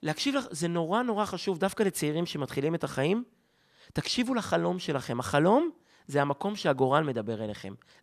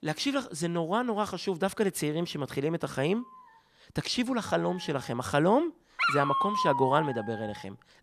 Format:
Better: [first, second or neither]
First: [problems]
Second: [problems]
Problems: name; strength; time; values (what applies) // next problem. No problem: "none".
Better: first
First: none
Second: animal sounds; loud; from 3.5 s on; 1 dB below the speech